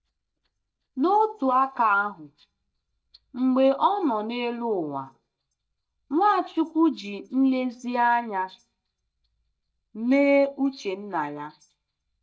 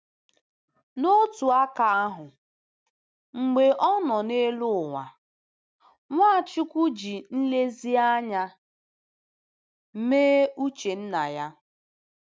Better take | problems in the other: second | noise reduction (neural mask model DeepFilterNet 3)

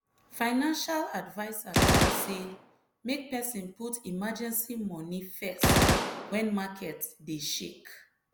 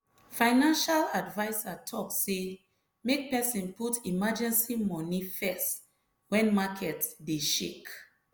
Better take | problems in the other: second | background sound (Gunshot, gunfire); 5 dB above the speech

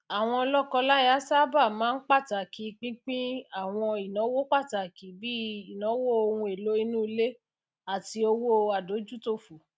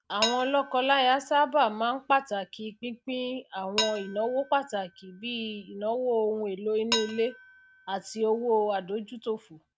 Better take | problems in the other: first | background sound (Dishes, pots, and pans); 11 dB below the speech

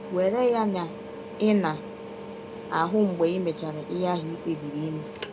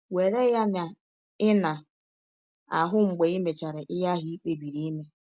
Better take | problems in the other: second | background sound (Mechanical fan); 11 dB below the speech

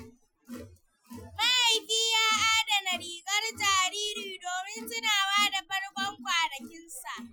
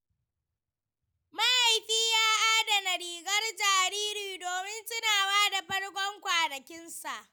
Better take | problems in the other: second | noise reduction (classical method Wiener filter)

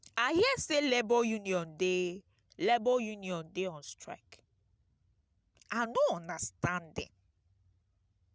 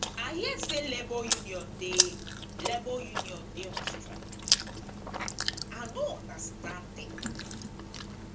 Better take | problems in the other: first | background sound (Chewing, mastication); 4 dB above the speech // room echo; dies away in 0.2 s

